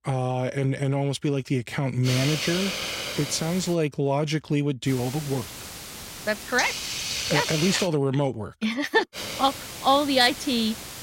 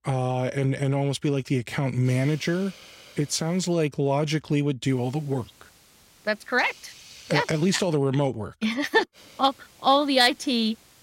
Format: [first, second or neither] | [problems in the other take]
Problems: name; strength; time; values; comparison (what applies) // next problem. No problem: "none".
second | hiss; loud; from 2 to 3.5 s, from 5 to 8 s and from 9 s on; 6 dB below the speech; faint in the second